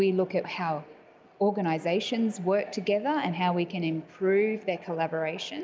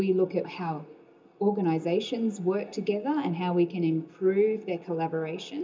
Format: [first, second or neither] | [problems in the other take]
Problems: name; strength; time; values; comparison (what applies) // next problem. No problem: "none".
first | room echo; dies away in 0.2 s